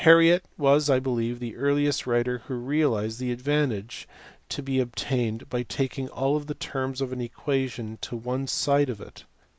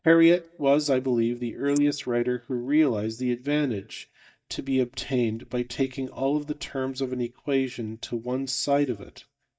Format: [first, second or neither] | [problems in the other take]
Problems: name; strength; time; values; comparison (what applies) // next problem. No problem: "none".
first | noise reduction (neural mask model DeepFilterNet 3)